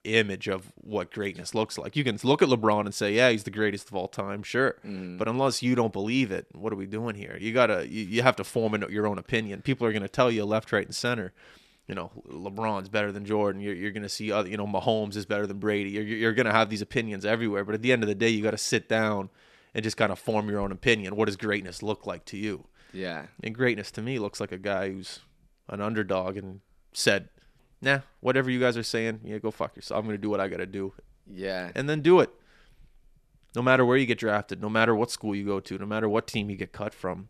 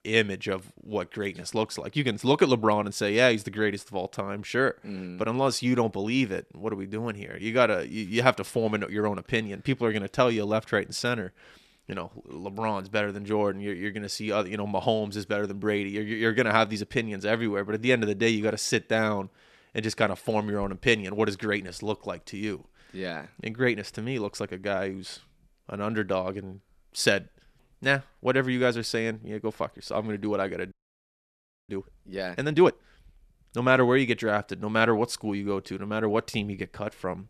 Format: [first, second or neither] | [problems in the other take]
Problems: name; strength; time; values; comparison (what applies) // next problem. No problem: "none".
first | audio freezing; at 31 s for 1 s